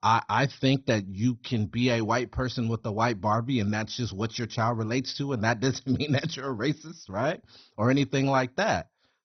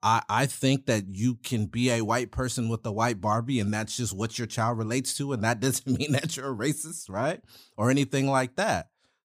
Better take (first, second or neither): second